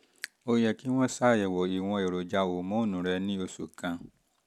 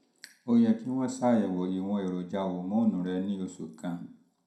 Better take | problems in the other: first | room echo; dies away in 0.4 s

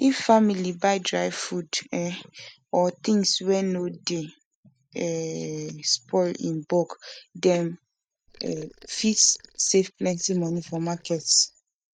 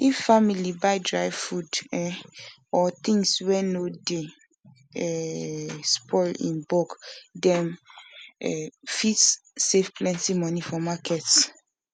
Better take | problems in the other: second | noise reduction (neural mask model DeepFilterNet 3)

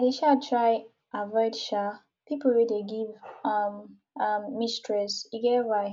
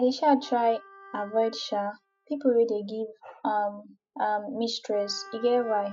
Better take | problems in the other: first | noise reduction (classical method spectral subtraction)

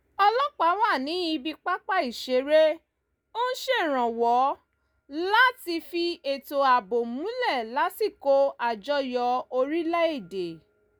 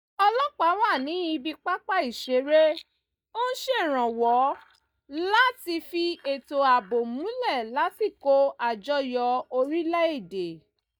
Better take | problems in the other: first | noise reduction (neural mask model DeepFilterNet 3)

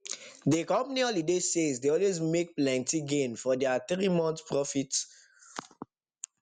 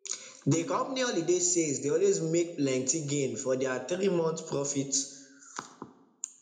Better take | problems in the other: first | room echo; dies away in 0.5 s

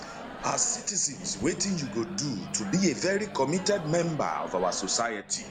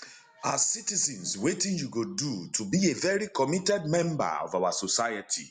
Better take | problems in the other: second | background sound (Microwave oven); 12 dB below the speech

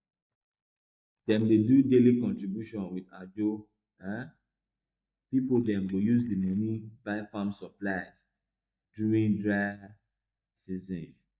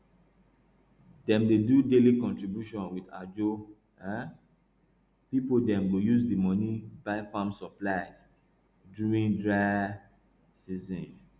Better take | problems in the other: second | noise reduction (neural mask model DeepFilterNet 3)

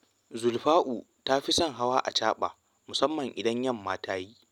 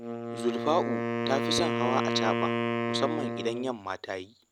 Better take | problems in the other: first | background sound (Wind instrument, woodwind instrument); 1 dB above the speech

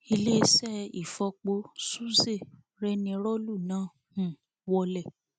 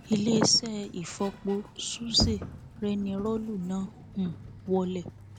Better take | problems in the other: first | background sound (Sliding door); 11 dB below the speech

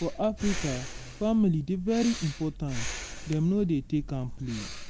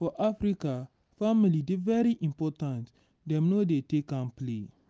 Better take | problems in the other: second | background sound (Breathing); 9 dB below the speech

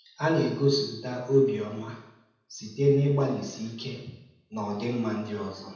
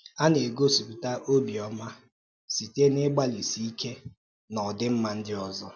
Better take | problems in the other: second | room echo; dies away in 0.8 s

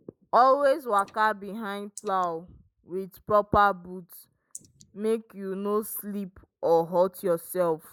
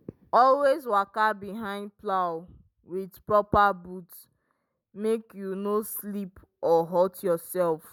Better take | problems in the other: second | noise reduction (neural mask model Resemble Enhance denoiser)

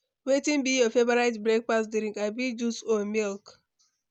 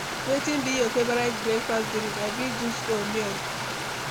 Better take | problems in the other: first | background sound (Stream); 3 dB below the speech

